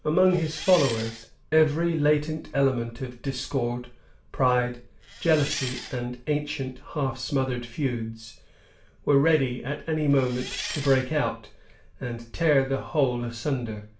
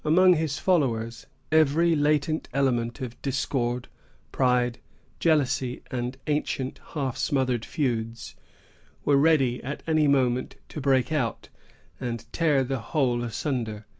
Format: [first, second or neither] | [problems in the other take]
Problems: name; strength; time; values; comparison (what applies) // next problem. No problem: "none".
second | background sound (Engine); 11 dB below the speech // room echo; dies away in 0.3 s